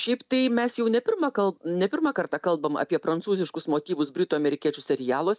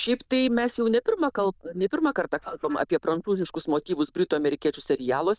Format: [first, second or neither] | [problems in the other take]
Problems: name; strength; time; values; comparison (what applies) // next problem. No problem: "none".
first | noise reduction (neural diffusion model UNIVERSE++)